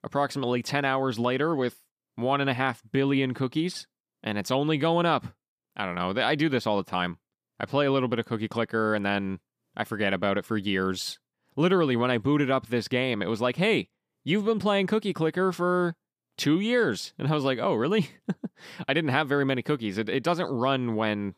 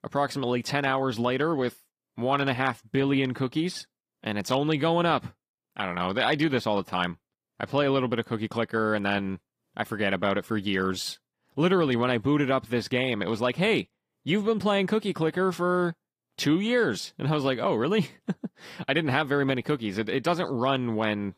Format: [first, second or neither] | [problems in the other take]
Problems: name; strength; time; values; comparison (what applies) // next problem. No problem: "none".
first | garbled, watery; slightly; nothing above 15 kHz